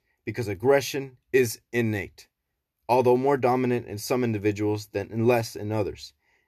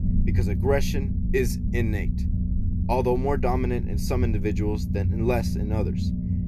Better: first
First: none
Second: low rumble; loud; throughout; 9 dB below the speech

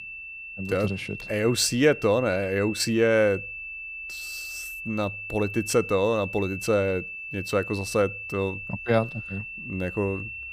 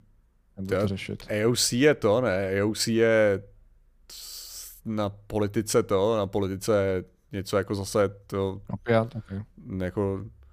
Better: second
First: high-pitched whine; loud; throughout; 2.5 kHz, 9 dB below the speech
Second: none

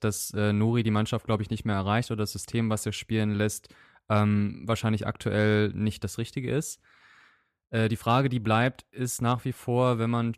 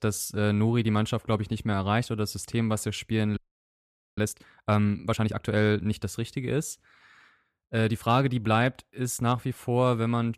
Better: first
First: none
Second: audio freezing; at 3.5 s for 1 s

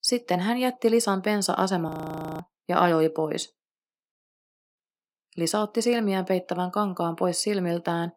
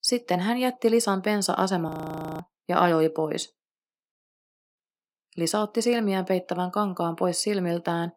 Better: neither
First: audio freezing; at 2 s for 0.5 s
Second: audio freezing; at 2 s for 0.5 s

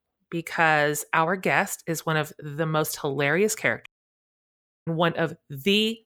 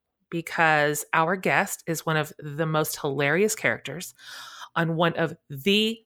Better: second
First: audio cutting out; at 4 s for 1 s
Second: none

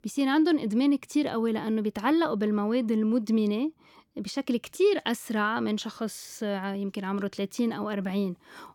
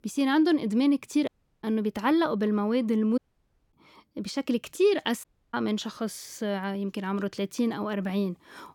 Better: first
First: none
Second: audio cutting out; at 1.5 s, at 3 s for 0.5 s and at 5 s

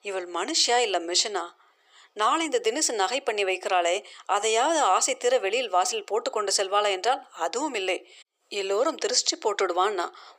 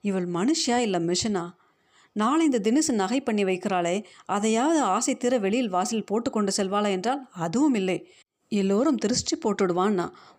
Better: second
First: thin; very; fading below 400 Hz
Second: none

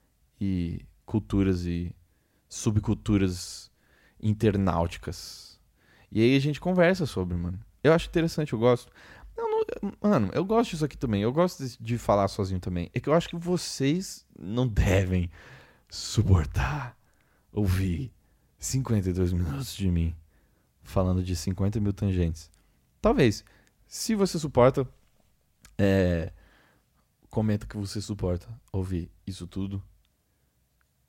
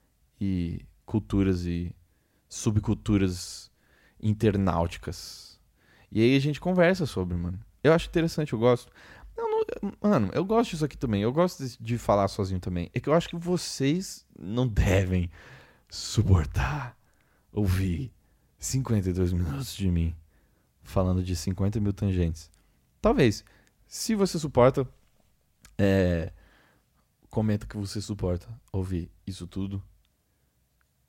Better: neither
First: none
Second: none

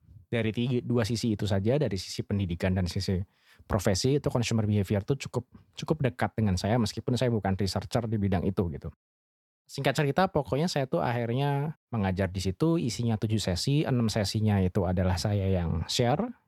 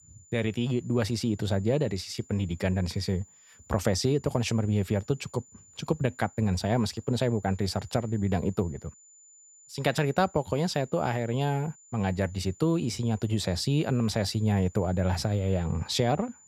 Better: first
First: none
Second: high-pitched whine; faint; throughout; 7 kHz, 25 dB below the speech

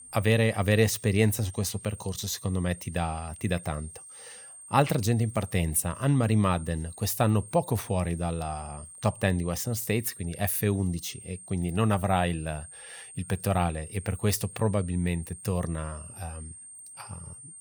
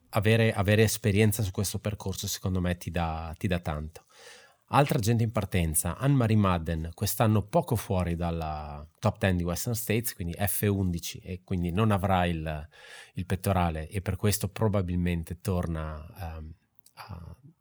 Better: second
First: high-pitched whine; noticeable; throughout; 8.5 kHz, 15 dB below the speech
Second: none

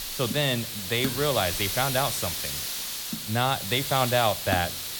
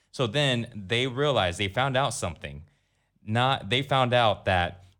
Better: second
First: hiss; loud; throughout; 3 dB below the speech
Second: none

